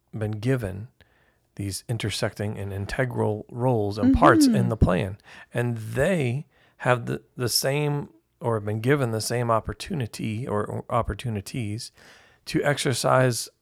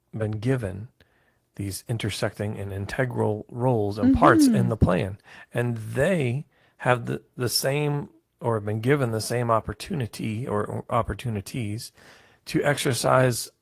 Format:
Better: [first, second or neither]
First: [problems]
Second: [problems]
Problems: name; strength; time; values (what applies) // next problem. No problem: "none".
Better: first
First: none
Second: garbled, watery; slightly